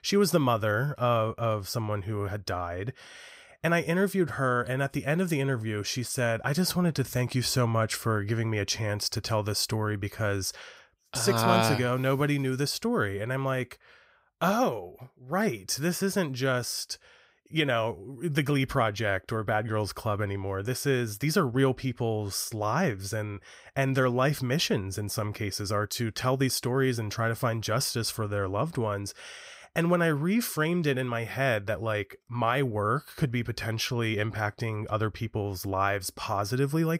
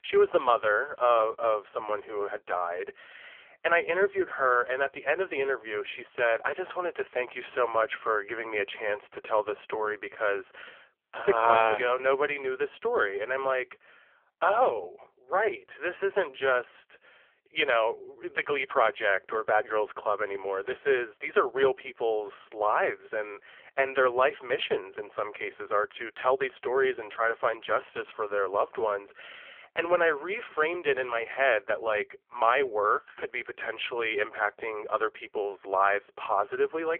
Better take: first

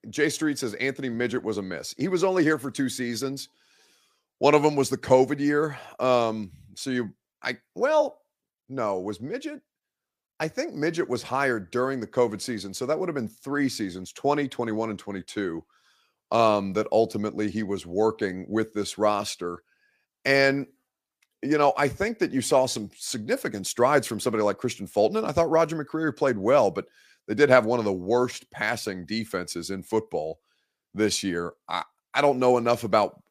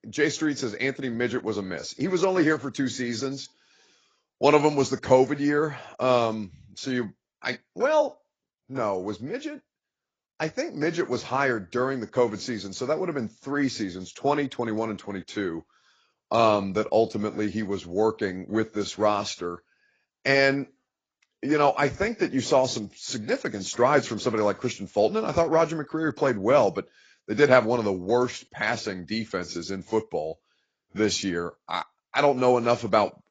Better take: first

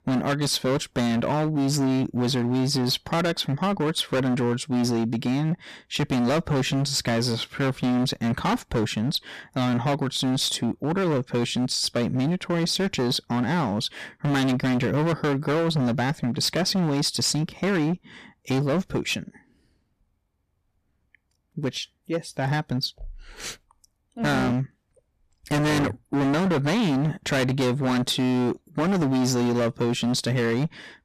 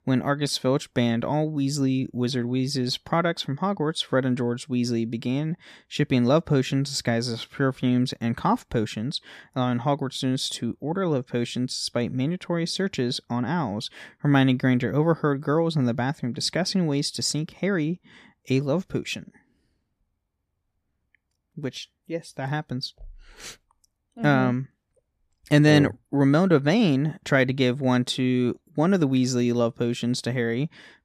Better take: second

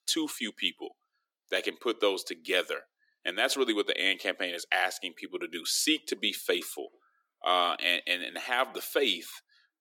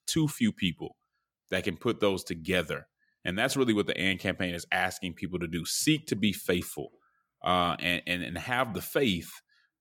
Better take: second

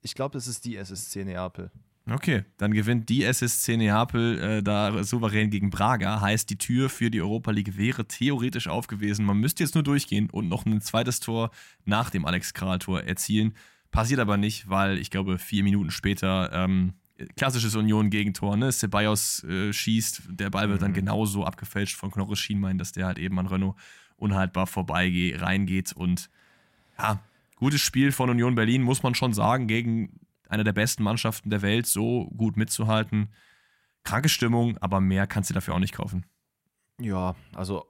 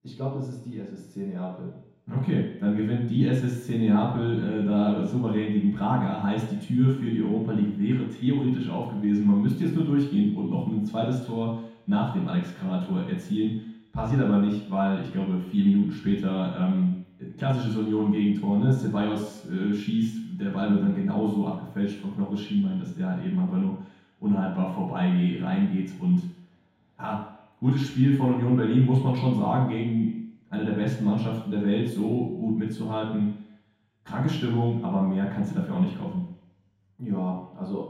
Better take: first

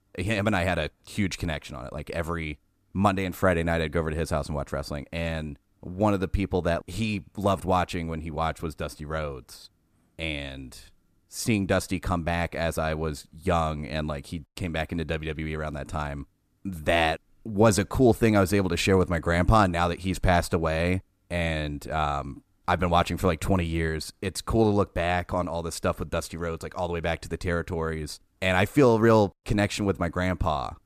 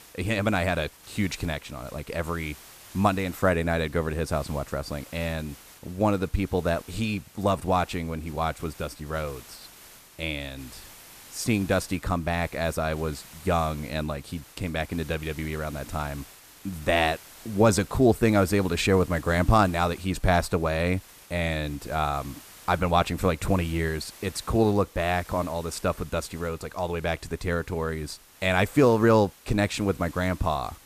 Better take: first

